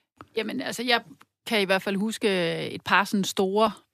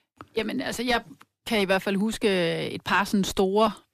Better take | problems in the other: first | distortion; slight; 10 dB below the speech

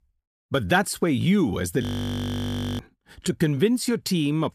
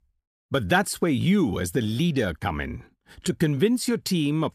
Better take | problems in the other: second | audio freezing; at 2 s for 1 s

